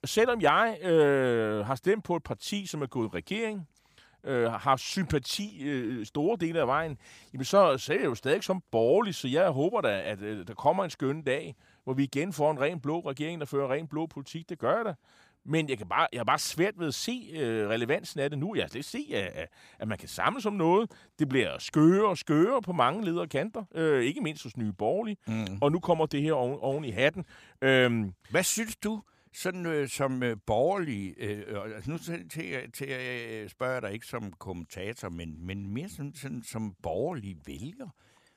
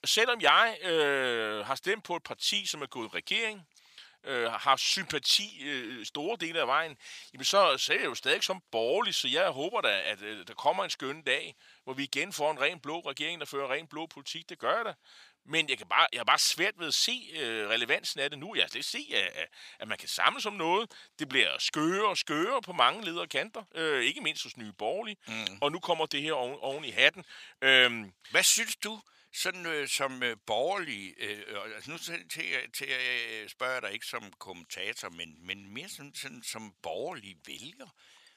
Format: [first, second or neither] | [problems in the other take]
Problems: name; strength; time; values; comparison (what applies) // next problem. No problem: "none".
first | thin; somewhat; fading below 1 kHz